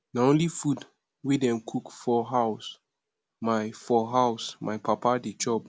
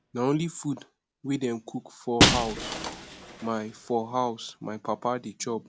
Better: first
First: none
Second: background sound (Shatter); as loud as the speech

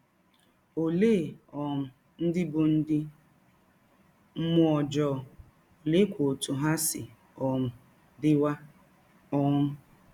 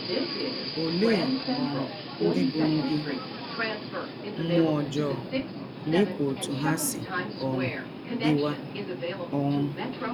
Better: first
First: none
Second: background sound (Subway, metro, underground); 2 dB below the speech

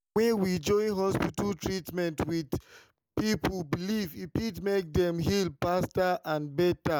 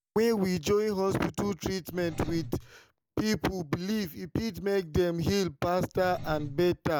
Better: first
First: none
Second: background sound (Engine); 17 dB below the speech

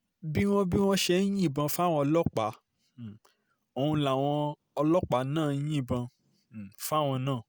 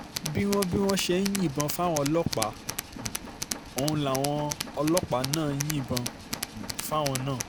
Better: first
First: none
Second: background sound (Tools); 7 dB below the speech

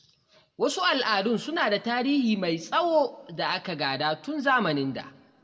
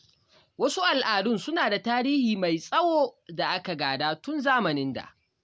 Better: second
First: room echo; dies away in 0.9 s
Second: none

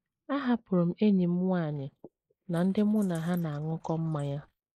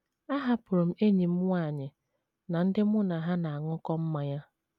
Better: second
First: noise reduction (neural mask model Resemble Enhance denoiser)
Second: none

